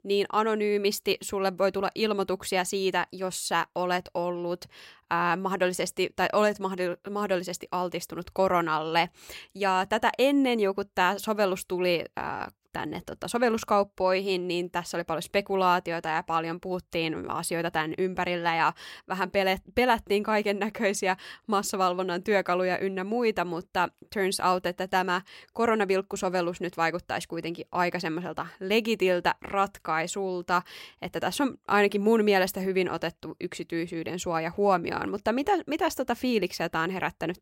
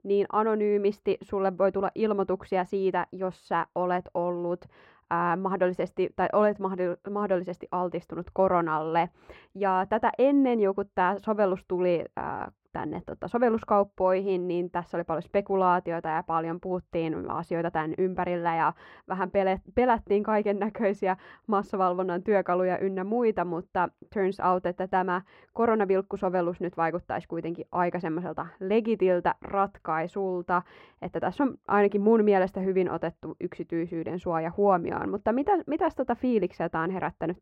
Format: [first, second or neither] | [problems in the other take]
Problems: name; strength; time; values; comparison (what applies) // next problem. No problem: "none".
first | muffled; very; fading above 3 kHz